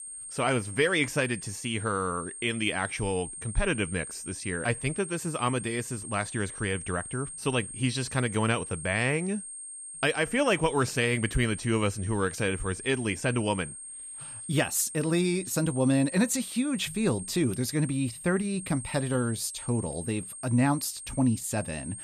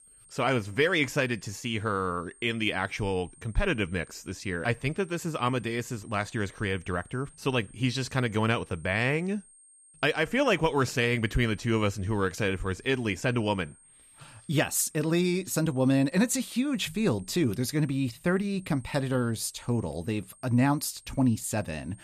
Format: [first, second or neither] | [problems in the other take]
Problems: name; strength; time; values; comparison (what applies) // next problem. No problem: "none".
second | high-pitched whine; loud; throughout; 8.5 kHz, 10 dB below the speech; faint in the second